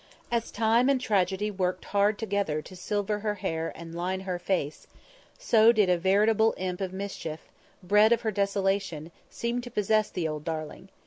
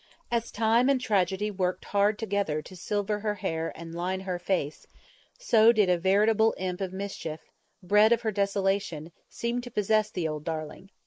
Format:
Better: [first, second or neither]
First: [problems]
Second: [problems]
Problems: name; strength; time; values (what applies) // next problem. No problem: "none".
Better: first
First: none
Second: noise reduction (neural mask model Resemble Enhance denoiser)